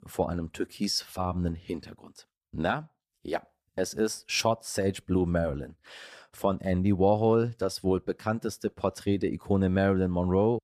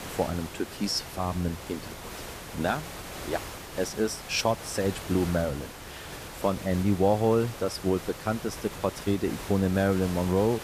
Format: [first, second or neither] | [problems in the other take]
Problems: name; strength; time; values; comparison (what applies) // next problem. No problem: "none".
first | hiss; noticeable; throughout; 10 dB below the speech